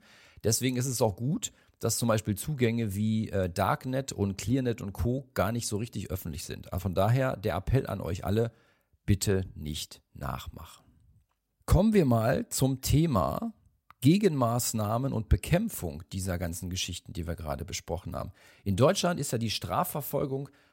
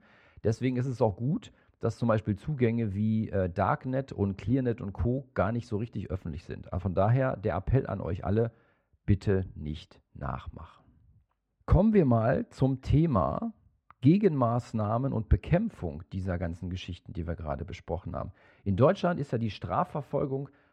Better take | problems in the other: first | muffled; very; fading above 2 kHz

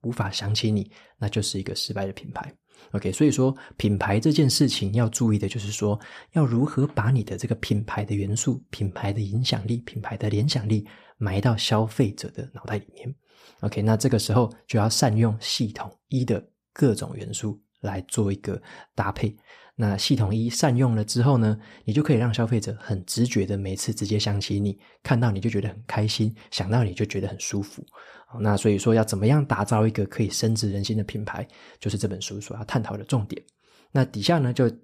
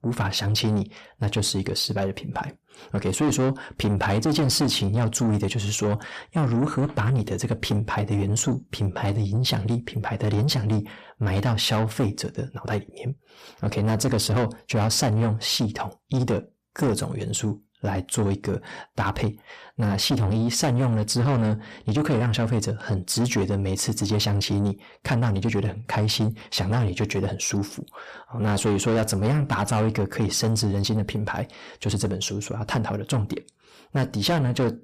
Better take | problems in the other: first | distortion; heavy; 8 dB below the speech

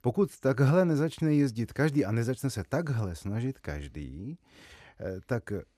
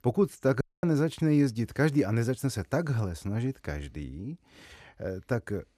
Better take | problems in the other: first | audio cutting out; at 0.5 s

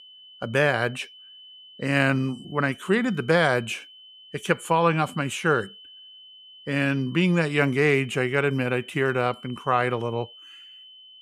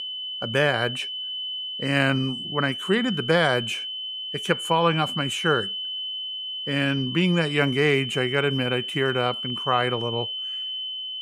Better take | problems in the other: first | high-pitched whine; loud; throughout; 3 kHz, 5 dB below the speech; faint in the first

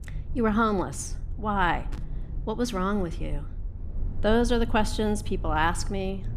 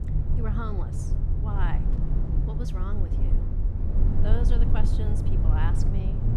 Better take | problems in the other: first | low rumble; loud; throughout; 2 dB below the speech; faint in the first

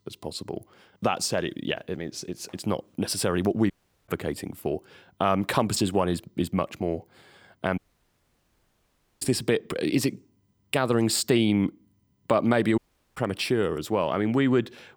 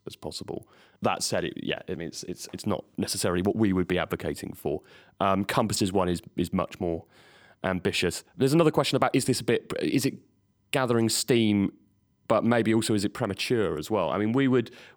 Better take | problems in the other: second | audio cutting out; at 3.5 s, at 8 s for 1.5 s and at 13 s

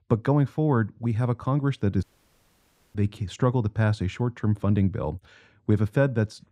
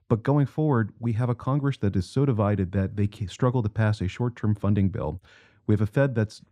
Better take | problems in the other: second | audio cutting out; at 2 s for 1 s

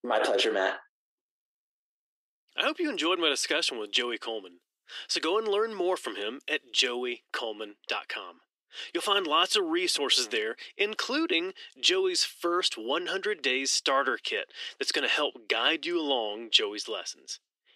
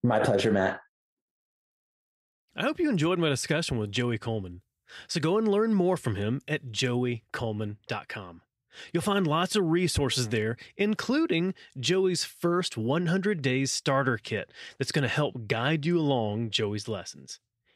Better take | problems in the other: second | thin; very; fading below 300 Hz

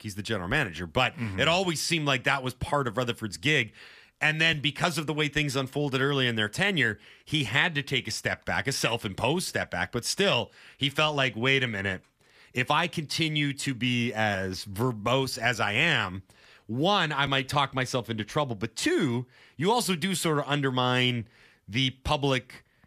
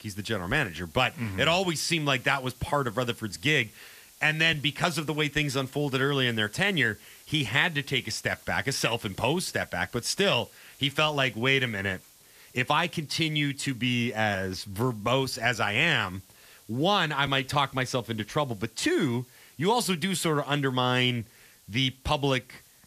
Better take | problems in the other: first | hiss; faint; throughout; 25 dB below the speech

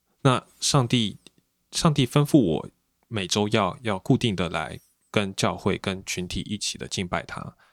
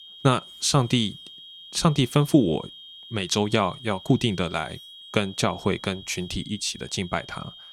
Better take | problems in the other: first | high-pitched whine; noticeable; throughout; 3 kHz, 15 dB below the speech

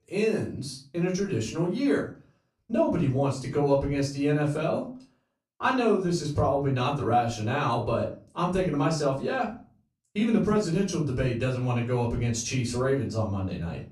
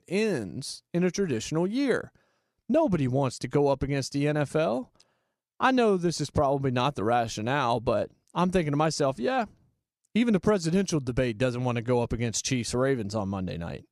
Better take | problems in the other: second | room echo; slight; dies away in 0.3 s // off-mic speech; far

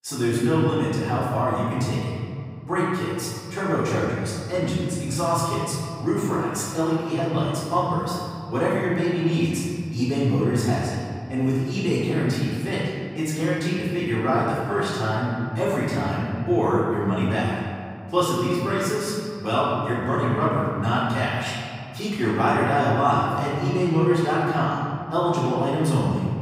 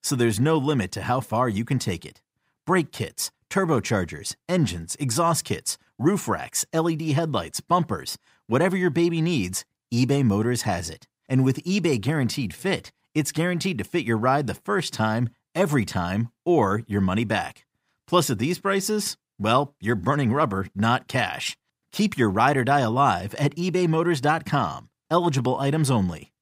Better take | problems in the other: second | off-mic speech; far // room echo; strong; dies away in 2.1 s

